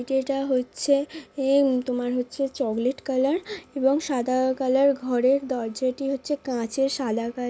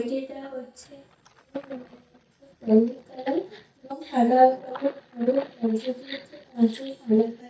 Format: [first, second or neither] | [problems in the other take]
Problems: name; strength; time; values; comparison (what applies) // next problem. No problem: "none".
first | noise reduction (neural mask model DeepFilterNet 3)